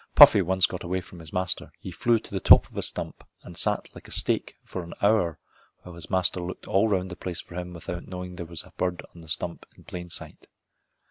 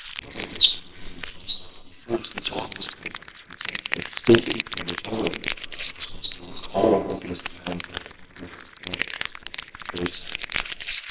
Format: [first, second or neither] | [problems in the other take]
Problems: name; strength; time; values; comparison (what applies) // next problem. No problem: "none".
first | noise reduction (neural separator model SepFormer WHAMR!)